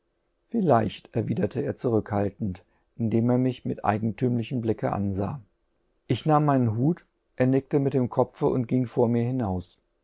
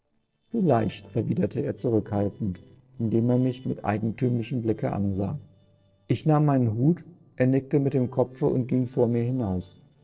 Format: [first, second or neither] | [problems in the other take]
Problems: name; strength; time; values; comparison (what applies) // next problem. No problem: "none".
first | noise reduction (neural separator model SepFormer DNS4)